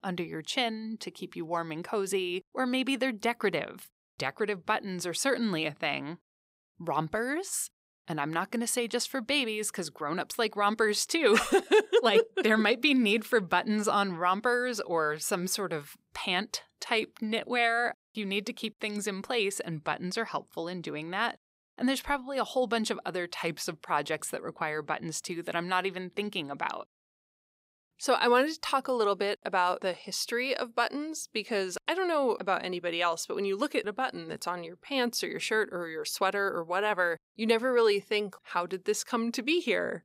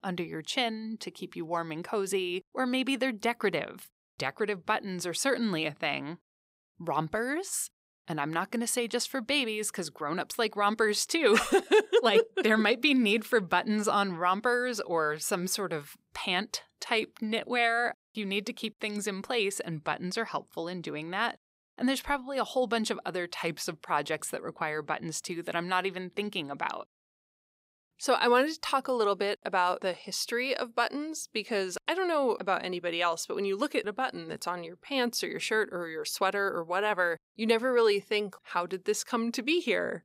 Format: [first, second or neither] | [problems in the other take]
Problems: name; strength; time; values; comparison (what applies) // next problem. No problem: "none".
neither | none